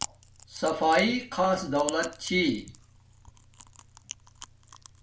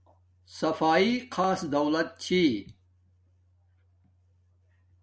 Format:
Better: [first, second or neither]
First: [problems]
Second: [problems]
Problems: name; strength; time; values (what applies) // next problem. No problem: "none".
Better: second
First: background sound (Chewing, mastication); 15 dB below the speech // room echo; dies away in 0.2 s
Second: none